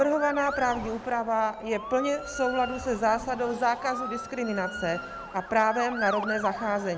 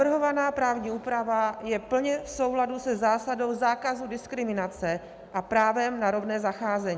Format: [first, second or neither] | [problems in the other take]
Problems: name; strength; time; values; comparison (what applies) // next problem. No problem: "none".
second | background sound (Motor vehicle (road) / Siren); 10 dB below the speech